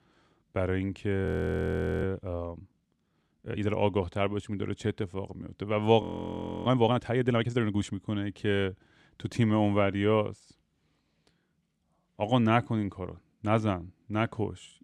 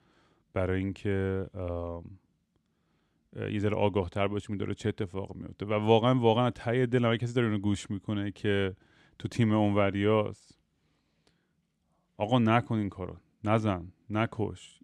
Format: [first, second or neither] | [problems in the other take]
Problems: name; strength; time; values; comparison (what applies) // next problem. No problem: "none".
second | audio freezing; at 1.5 s for 1 s and at 6 s for 0.5 s